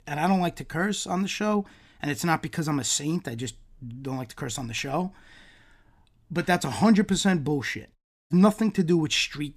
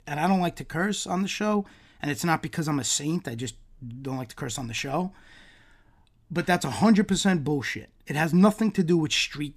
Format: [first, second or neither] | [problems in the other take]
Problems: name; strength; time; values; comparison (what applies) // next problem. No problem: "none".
second | audio cutting out; at 8 s